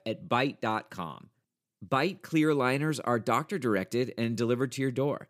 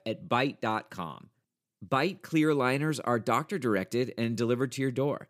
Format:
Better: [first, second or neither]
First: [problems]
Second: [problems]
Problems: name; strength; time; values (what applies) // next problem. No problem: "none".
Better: neither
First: none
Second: none